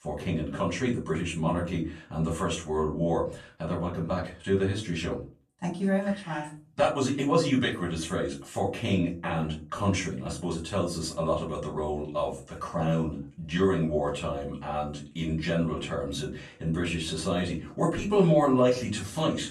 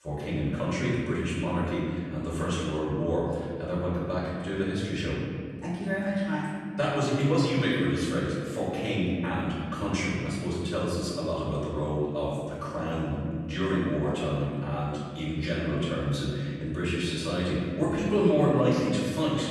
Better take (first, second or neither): first